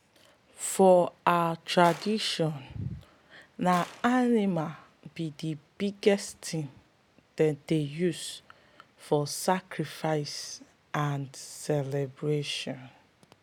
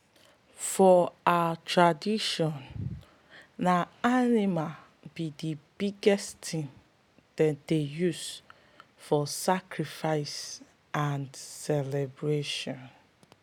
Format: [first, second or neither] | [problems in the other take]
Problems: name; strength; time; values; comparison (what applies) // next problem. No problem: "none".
second | background sound (Gunshot, gunfire); 20 dB below the speech